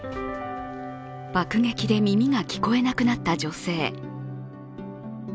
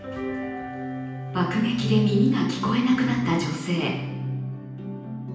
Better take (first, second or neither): first